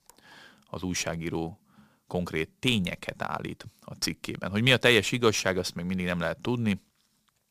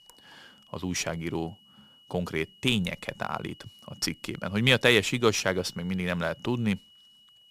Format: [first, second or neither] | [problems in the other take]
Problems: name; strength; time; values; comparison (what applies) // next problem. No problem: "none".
first | high-pitched whine; faint; throughout; 3 kHz, 25 dB below the speech